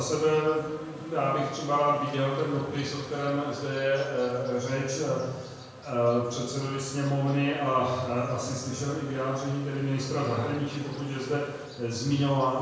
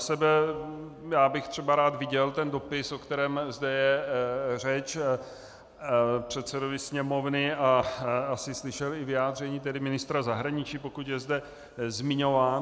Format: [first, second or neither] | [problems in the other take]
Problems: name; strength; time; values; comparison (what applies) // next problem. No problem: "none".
second | background sound (Insect); 18 dB below the speech // room echo; dies away in 0.9 s